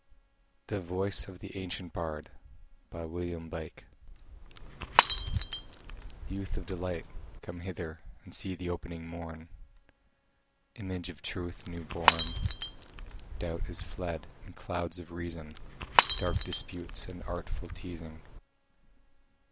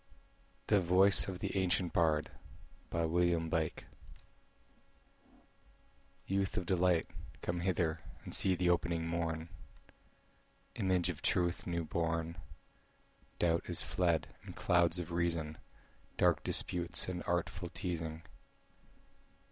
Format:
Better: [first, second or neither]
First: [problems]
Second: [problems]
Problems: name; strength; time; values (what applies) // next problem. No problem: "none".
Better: second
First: background sound (Shatter / Crushing); 4 dB above the speech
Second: none